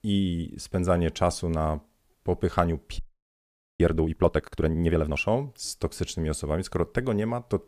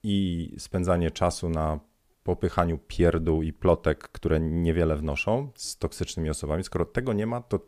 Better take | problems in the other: second | audio freezing; at 3 s for 1 s

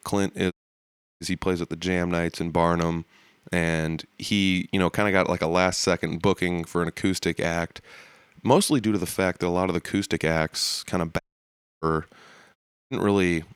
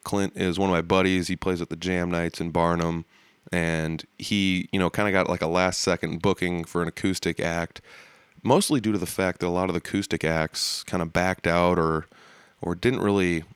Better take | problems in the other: second | audio cutting out; at 0.5 s for 0.5 s, at 11 s for 0.5 s and at 13 s

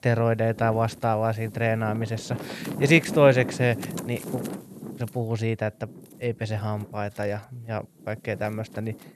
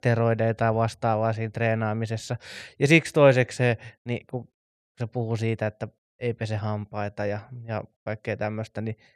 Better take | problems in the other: second | wind noise on the microphone; occasional gusts; 15 dB below the speech

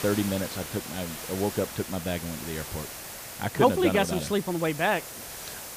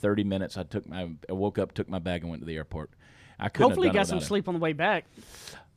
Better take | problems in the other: second | hiss; loud; throughout; 9 dB below the speech

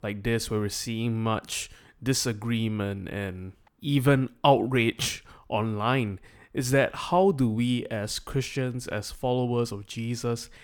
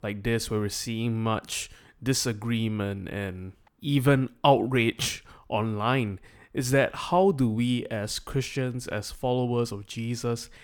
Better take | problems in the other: neither | none

